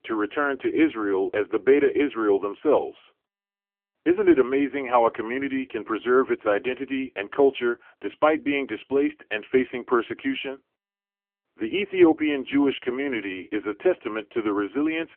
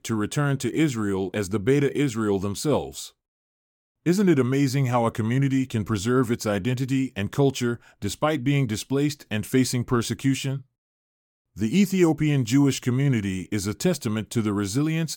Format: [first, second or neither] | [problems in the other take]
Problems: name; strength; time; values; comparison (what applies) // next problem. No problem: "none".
second | phone-call audio; poor line; nothing above 3 kHz